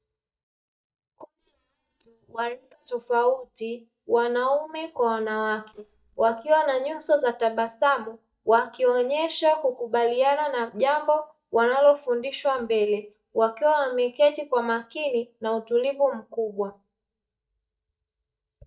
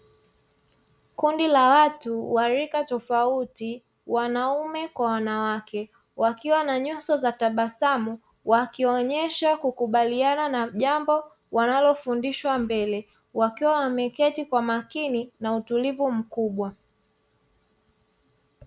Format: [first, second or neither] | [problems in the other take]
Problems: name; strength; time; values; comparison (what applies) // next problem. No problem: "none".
second | noise reduction (neural mask model DeepFilterNet 3)